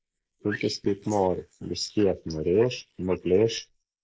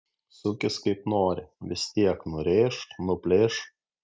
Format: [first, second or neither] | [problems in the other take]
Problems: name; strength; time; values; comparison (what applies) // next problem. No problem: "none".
second | noise reduction (neural mask model Resemble Enhance denoiser)